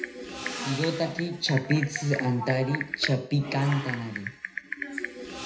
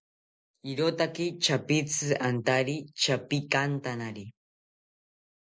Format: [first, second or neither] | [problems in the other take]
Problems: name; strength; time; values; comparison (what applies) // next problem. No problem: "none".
second | background sound (Typing); 7 dB below the speech // room echo; dies away in 0.5 s